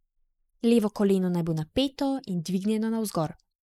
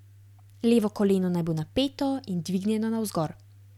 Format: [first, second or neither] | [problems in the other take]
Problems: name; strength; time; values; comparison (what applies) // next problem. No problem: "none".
second | noise reduction (neural mask model Resemble Enhance denoiser)